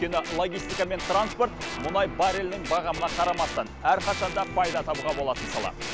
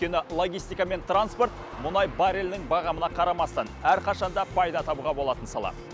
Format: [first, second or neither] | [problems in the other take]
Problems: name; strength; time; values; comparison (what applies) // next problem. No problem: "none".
second | background sound (Guitar); 9 dB below the speech